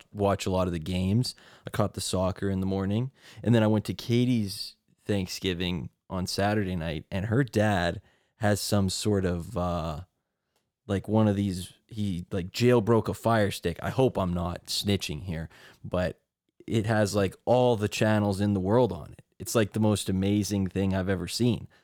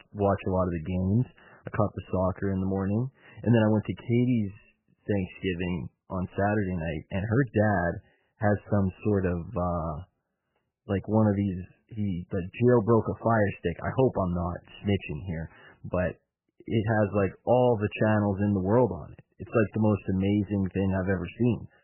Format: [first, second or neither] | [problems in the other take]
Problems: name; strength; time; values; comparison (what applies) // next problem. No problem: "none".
first | garbled, watery; badly; nothing above 3 kHz